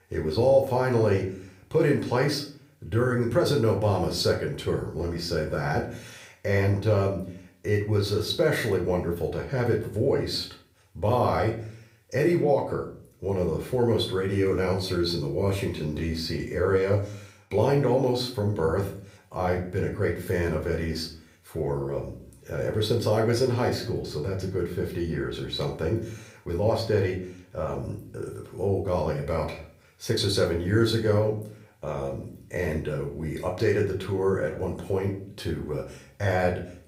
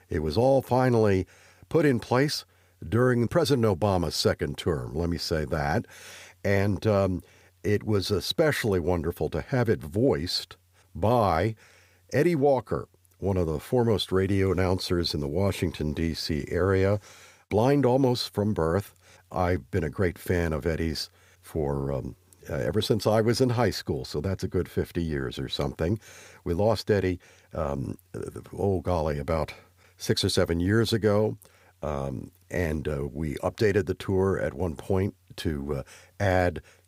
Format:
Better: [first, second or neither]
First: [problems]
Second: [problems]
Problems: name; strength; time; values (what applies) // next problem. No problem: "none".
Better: second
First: room echo; slight; dies away in 0.4 s // off-mic speech; somewhat distant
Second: none